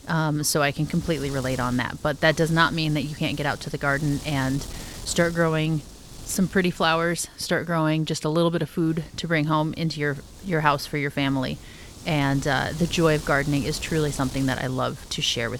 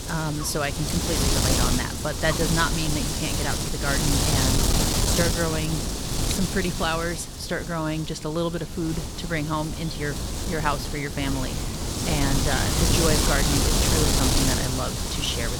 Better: first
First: wind noise on the microphone; occasional gusts; 20 dB below the speech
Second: wind noise on the microphone; heavy; 2 dB above the speech

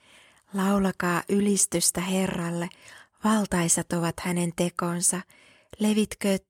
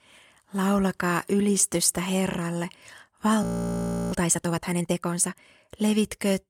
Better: first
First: none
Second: audio freezing; at 3.5 s for 0.5 s

